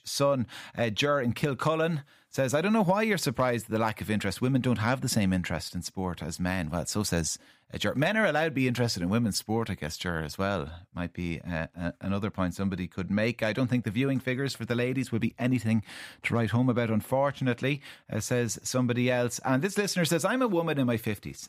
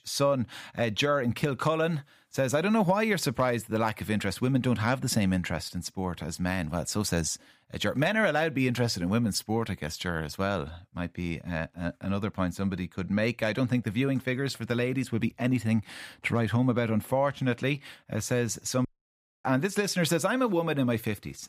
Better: first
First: none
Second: audio cutting out; at 19 s for 0.5 s

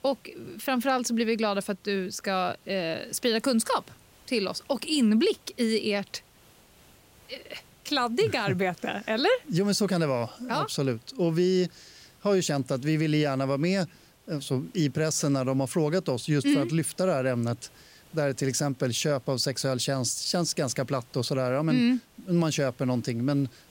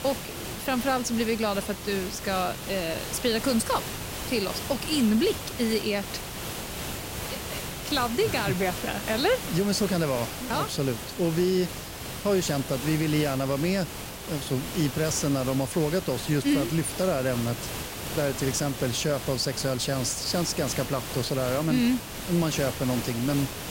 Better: first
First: hiss; faint; throughout; 30 dB below the speech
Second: hiss; loud; throughout; 7 dB below the speech

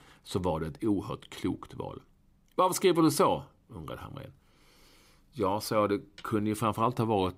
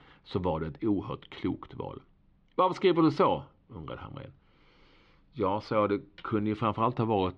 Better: first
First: none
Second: muffled; slightly; fading above 3.5 kHz

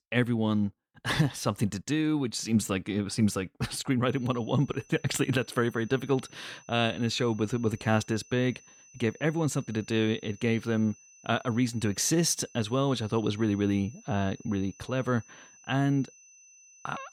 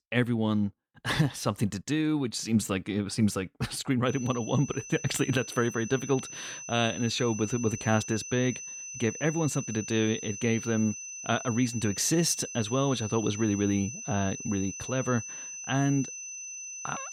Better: first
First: high-pitched whine; faint; from 4 s on; 6 kHz, 25 dB below the speech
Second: high-pitched whine; loud; from 4 s on; 6 kHz, 9 dB below the speech

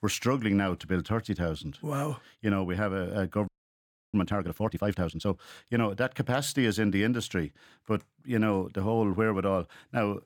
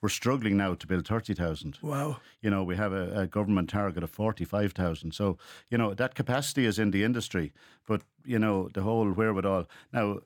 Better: second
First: audio freezing; at 3.5 s for 0.5 s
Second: none

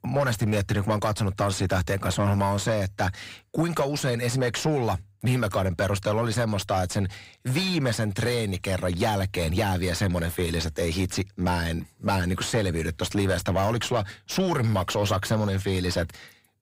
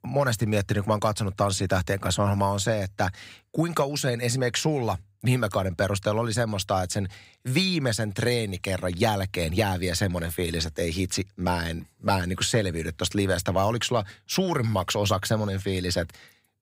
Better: second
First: distortion; slight; 10 dB below the speech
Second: none

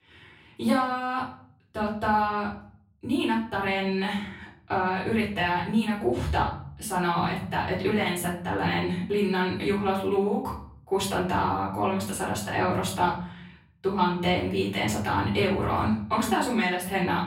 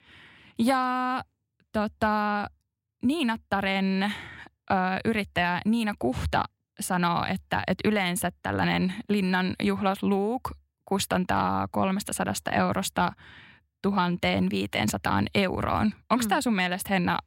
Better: second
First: off-mic speech; far // room echo; noticeable; dies away in 0.6 s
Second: none

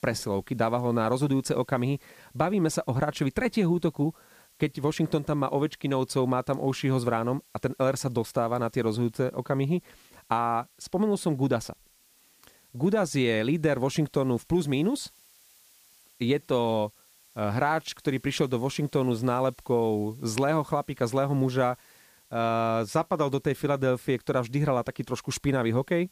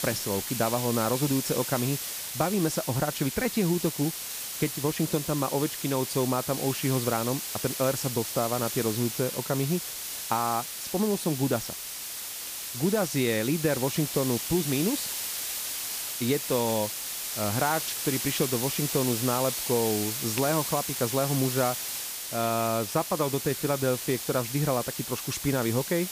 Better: first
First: hiss; faint; throughout; 30 dB below the speech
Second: hiss; loud; throughout; 3 dB below the speech

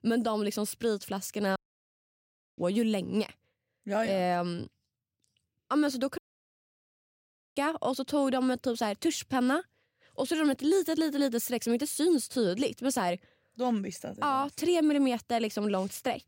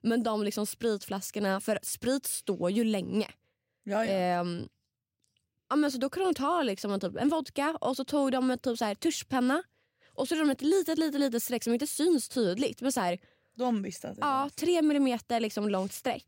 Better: second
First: audio cutting out; at 1.5 s for 1 s and at 6 s for 1.5 s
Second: none

